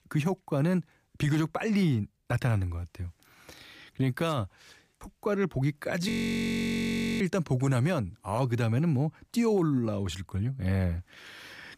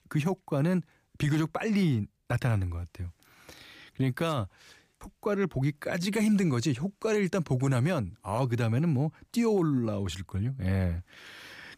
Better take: second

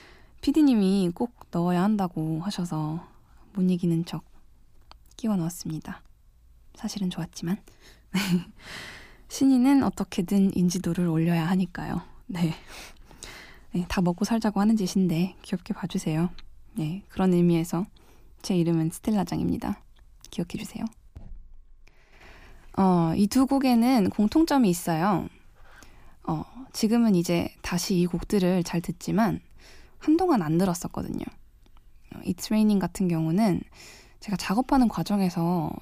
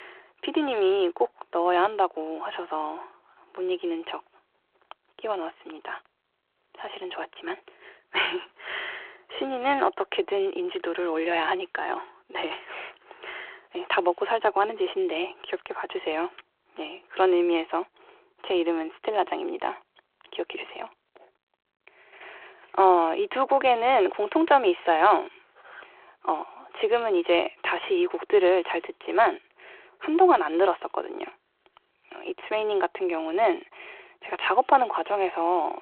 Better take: first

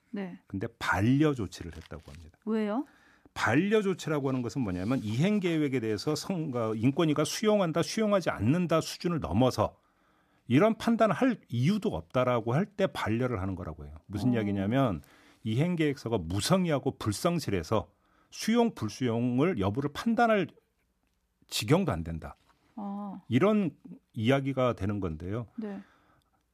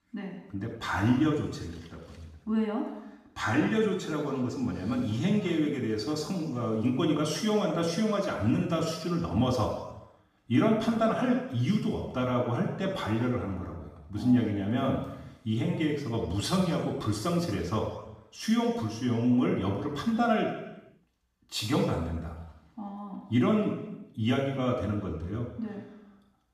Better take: first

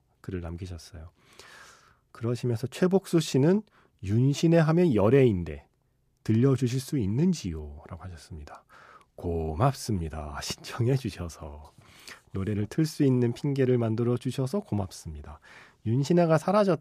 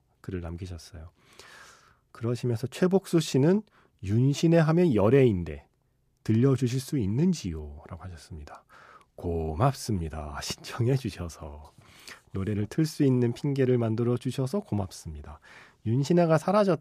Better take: neither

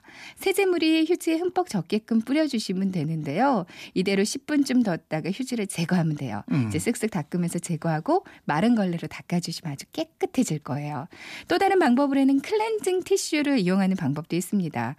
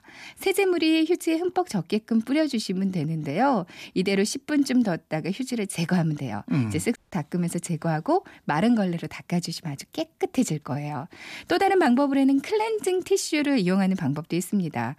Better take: first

